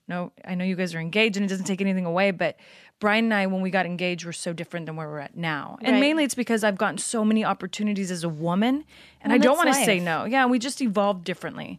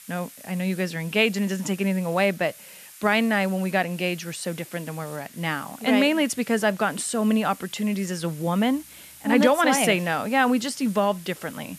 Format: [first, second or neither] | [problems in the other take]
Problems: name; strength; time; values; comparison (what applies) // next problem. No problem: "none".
first | hiss; noticeable; throughout; 20 dB below the speech